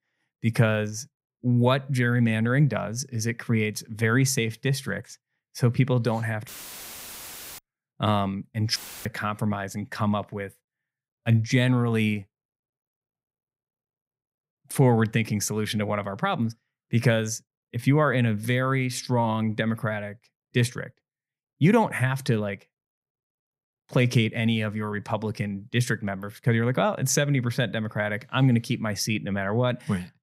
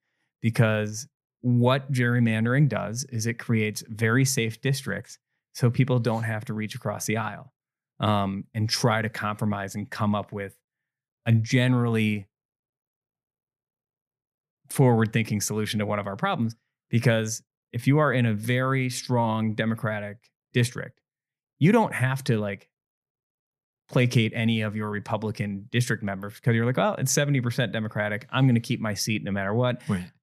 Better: second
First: audio cutting out; filled with static; at 6.5 s for 1 s and at 9 s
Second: none

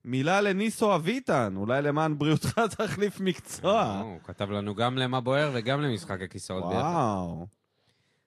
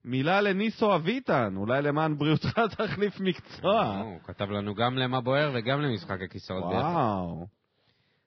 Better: first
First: garbled, watery; slightly; nothing above 12.5 kHz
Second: garbled, watery; badly; nothing above 5.5 kHz

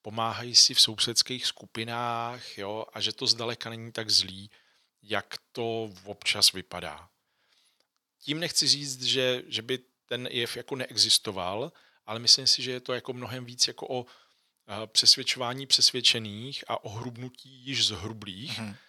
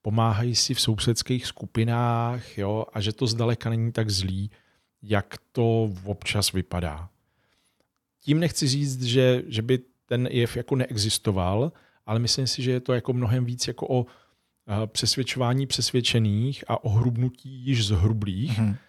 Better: second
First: thin; somewhat; fading below 800 Hz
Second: none

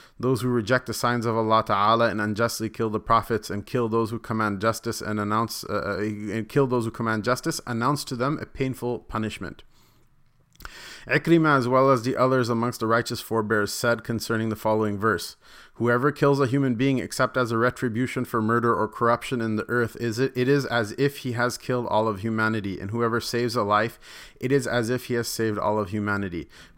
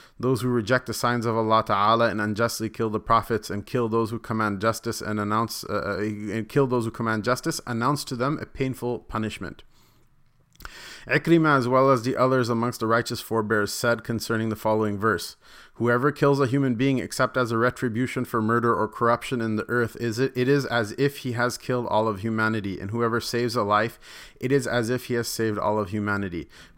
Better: neither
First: none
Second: none

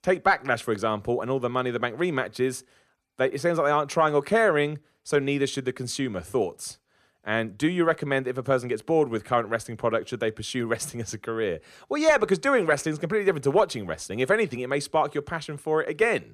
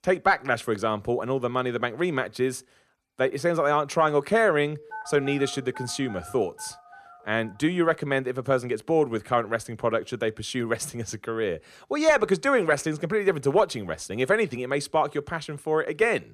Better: first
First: none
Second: phone ringing; faint; from 4.5 to 7.5 s; peak 15 dB below the speech

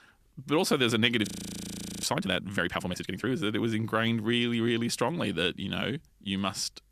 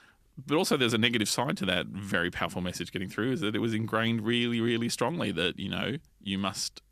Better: second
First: audio freezing; at 1.5 s for 1 s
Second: none

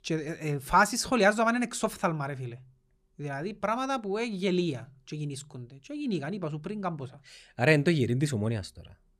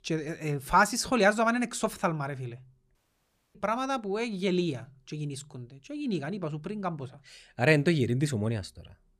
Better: first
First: none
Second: audio cutting out; at 3 s for 0.5 s

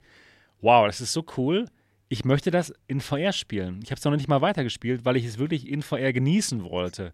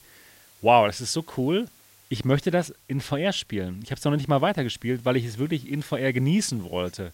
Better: first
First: none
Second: hiss; faint; throughout; 30 dB below the speech

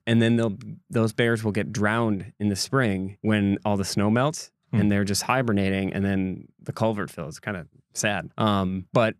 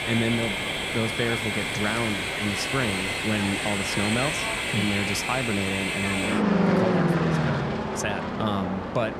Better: first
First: none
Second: train or aircraft noise; very loud; throughout; 4 dB above the speech

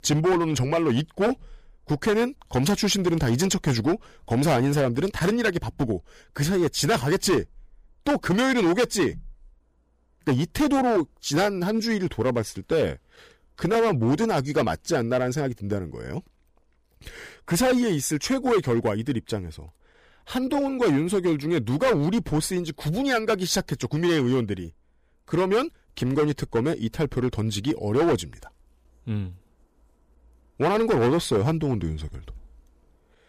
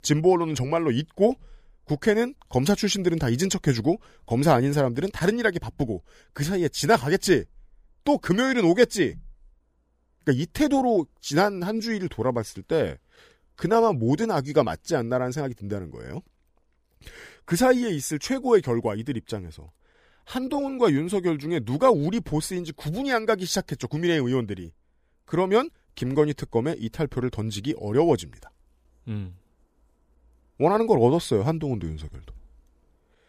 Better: second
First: distortion; heavy; 9% of the sound clipped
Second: none

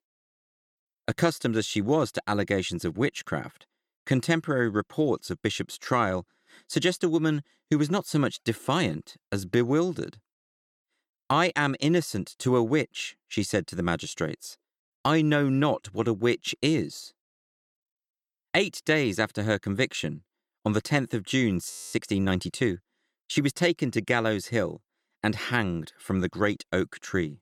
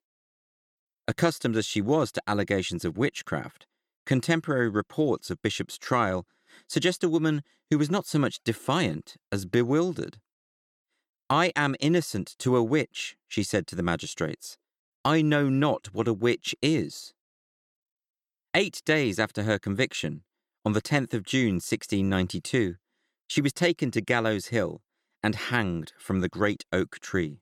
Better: second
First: audio freezing; at 22 s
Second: none

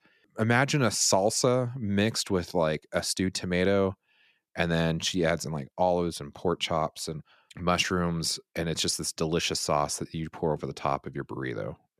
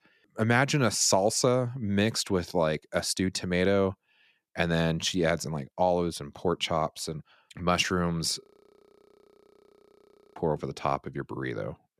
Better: first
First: none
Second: audio freezing; at 8.5 s for 2 s

